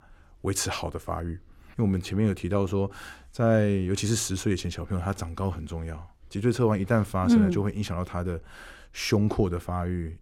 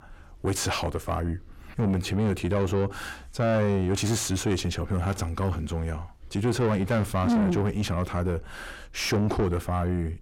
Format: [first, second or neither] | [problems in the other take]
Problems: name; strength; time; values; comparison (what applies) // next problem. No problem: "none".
first | distortion; heavy; 8 dB below the speech